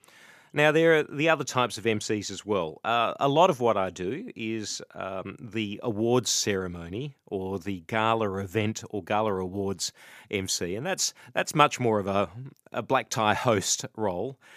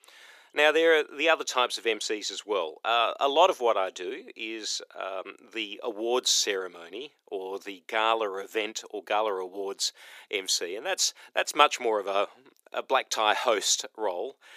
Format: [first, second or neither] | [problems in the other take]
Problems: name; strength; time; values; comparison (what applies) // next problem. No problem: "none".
first | thin; very; fading below 350 Hz